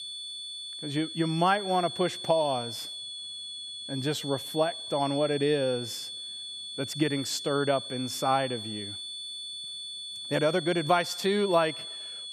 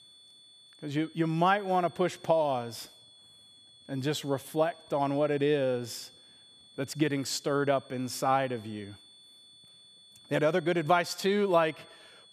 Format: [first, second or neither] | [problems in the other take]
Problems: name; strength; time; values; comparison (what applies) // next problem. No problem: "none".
second | high-pitched whine; loud; throughout; 3.5 kHz, 8 dB below the speech; faint in the second